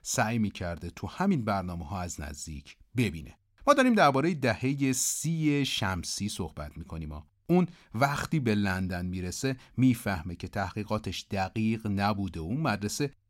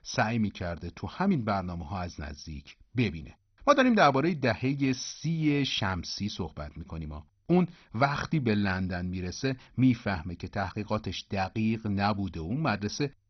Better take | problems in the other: first | garbled, watery; badly; nothing above 6 kHz

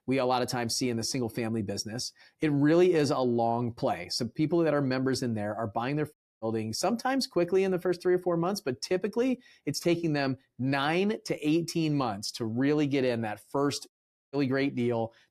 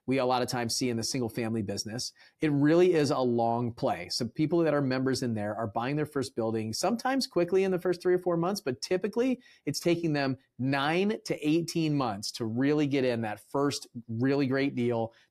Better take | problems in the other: second | audio cutting out; at 6 s and at 14 s

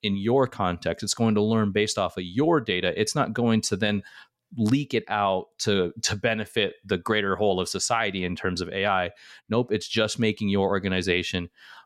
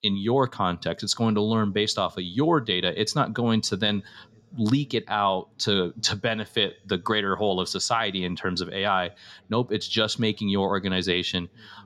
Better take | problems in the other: first | room echo; slight; dies away in 3 s

